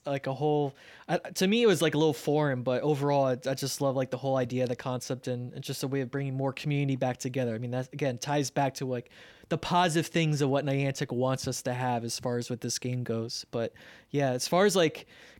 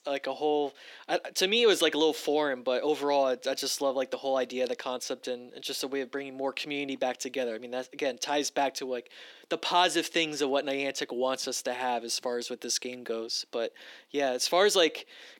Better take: first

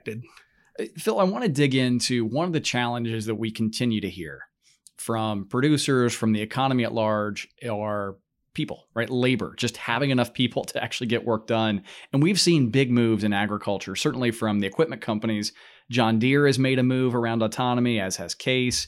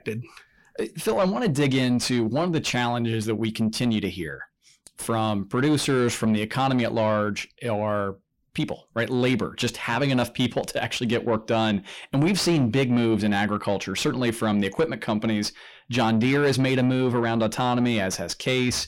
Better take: first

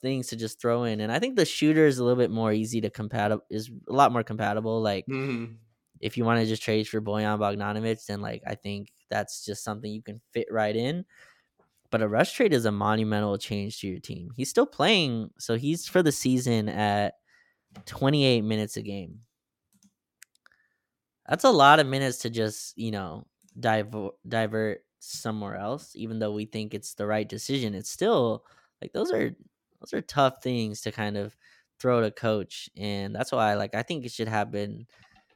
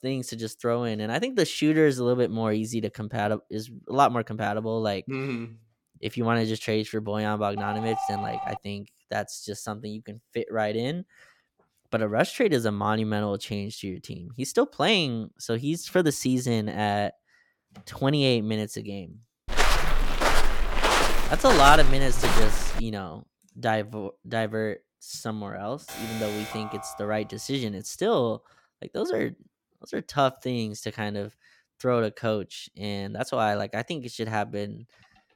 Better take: first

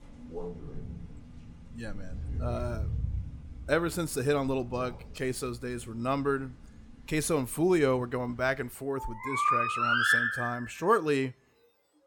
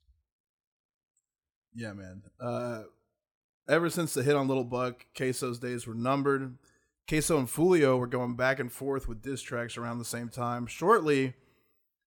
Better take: second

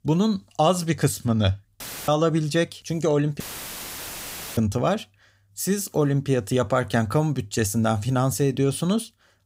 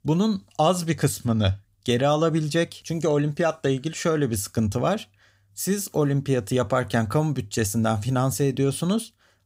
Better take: second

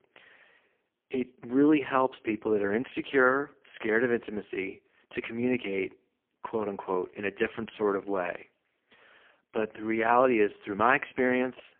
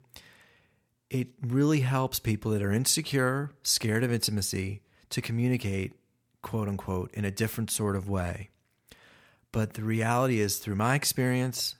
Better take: second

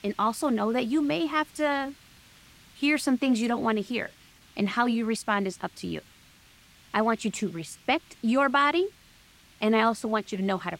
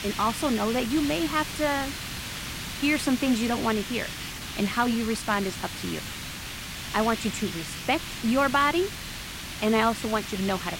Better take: first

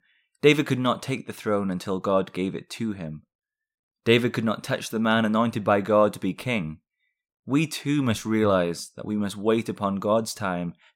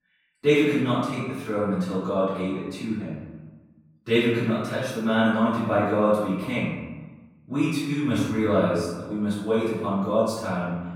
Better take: first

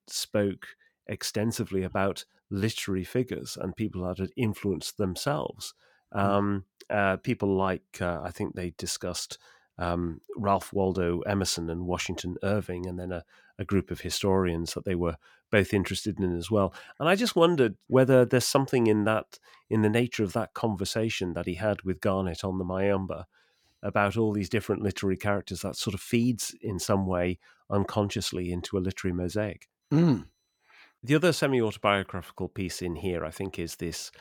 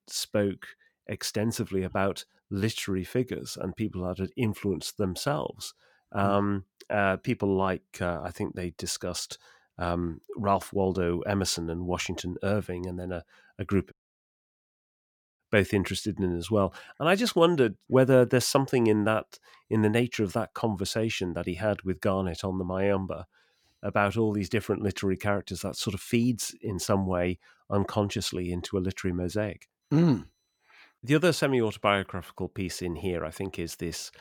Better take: first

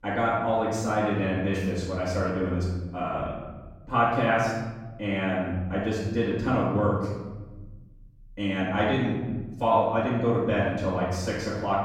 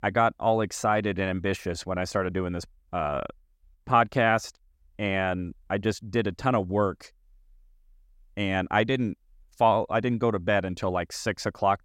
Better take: second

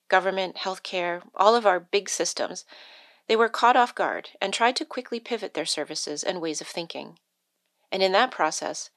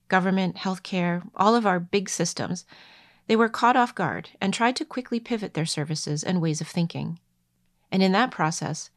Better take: second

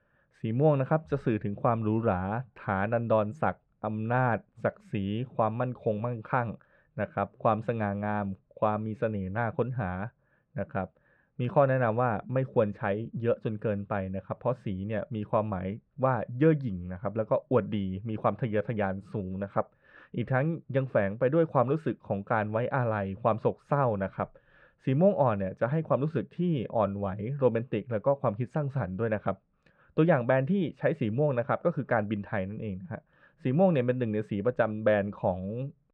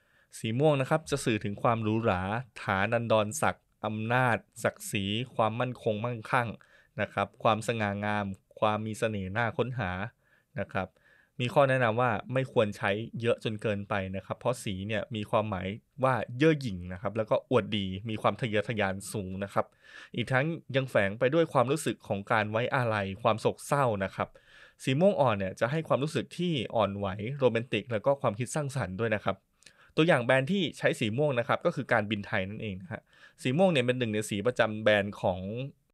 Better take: second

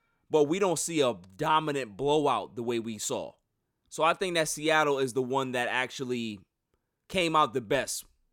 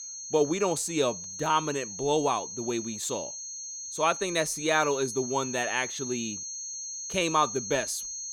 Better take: first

